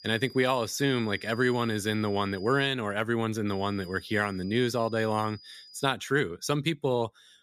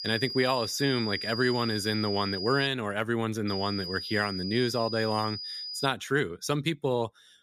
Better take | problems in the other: first | high-pitched whine; loud; until 2.5 s and from 3.5 to 6 s; 5 kHz, 6 dB below the speech; faint in the first

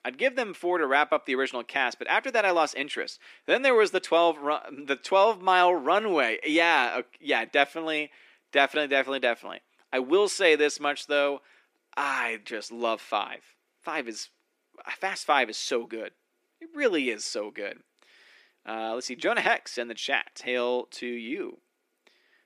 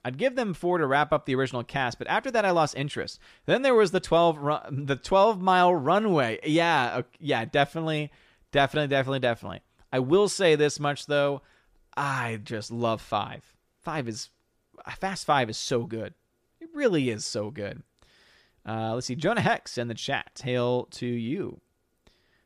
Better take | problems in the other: second | thin; somewhat; fading below 250 Hz

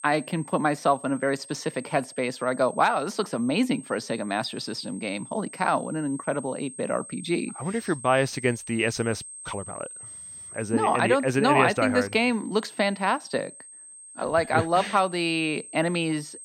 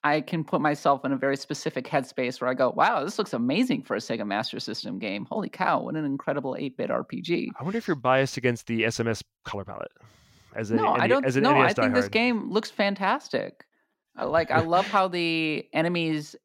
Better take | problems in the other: second | high-pitched whine; noticeable; throughout; 8.5 kHz, 15 dB below the speech

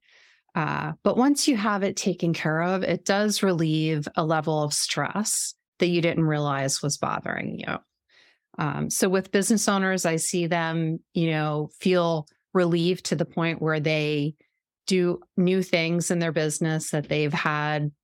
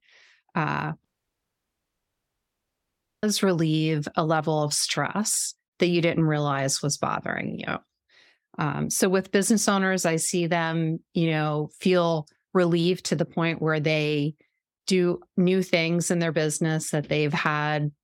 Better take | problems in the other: first | audio cutting out; at 1 s for 2 s

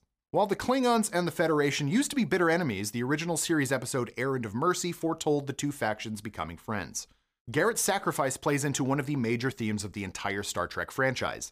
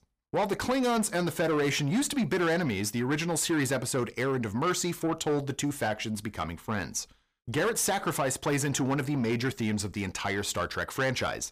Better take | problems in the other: first | distortion; slight; 10 dB below the speech

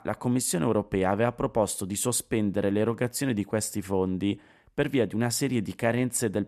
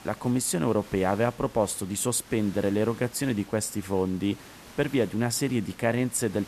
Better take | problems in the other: first | hiss; faint; throughout; 20 dB below the speech

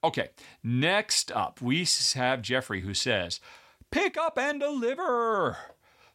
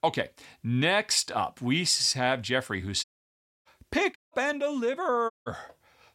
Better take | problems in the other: first | audio cutting out; at 3 s for 0.5 s, at 4 s and at 5.5 s

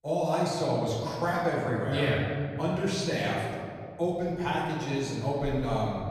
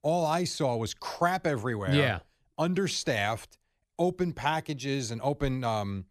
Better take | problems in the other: second | room echo; noticeable; dies away in 2.1 s // off-mic speech; far

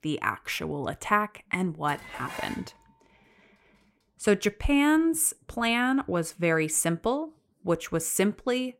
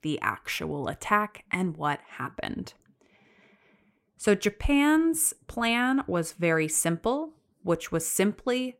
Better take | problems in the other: second | clattering dishes; faint; at 2 s; peak 10 dB below the speech

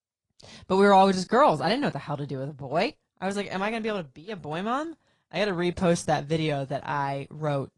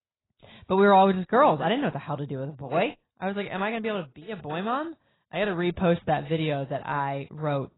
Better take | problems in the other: first | garbled, watery; badly; nothing above 4 kHz; slightly in the first

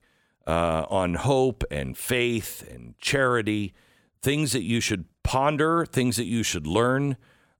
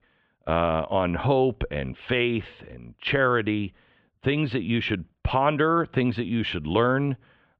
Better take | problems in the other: first | muffled; very; fading above 3 kHz

